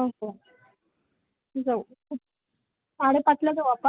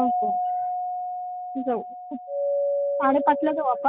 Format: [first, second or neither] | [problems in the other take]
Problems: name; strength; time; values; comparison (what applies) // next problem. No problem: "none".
first | background sound (Doorbell); 1 dB above the speech